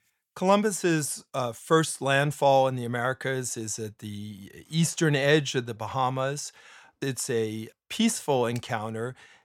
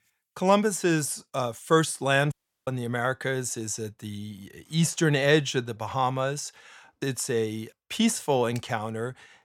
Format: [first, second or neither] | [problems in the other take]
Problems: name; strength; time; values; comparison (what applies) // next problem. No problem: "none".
first | audio cutting out; at 2.5 s